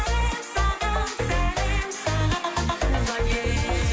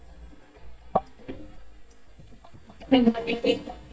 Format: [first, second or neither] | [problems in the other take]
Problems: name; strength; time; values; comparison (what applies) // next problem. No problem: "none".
first | noise reduction (neural mask model DeepFilterNet 3)